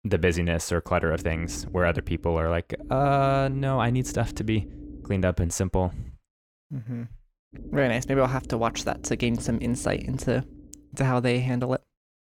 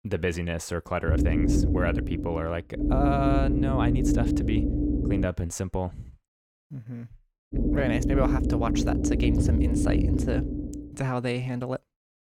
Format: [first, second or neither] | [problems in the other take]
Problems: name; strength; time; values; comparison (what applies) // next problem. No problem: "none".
first | low rumble; loud; from 1 to 5.5 s and from 7.5 to 11 s; 1 dB below the speech; faint in the first